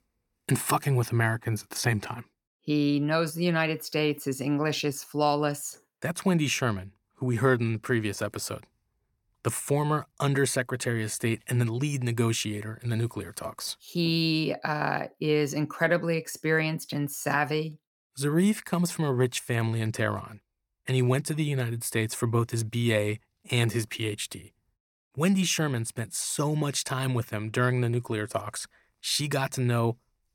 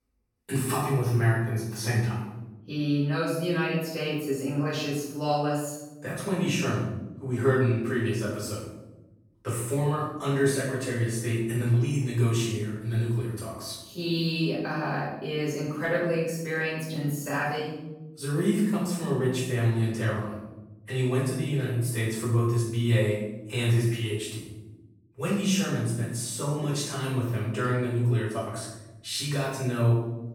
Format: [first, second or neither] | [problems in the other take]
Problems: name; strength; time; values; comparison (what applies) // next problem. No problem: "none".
first | off-mic speech; far // room echo; noticeable; dies away in 0.9 s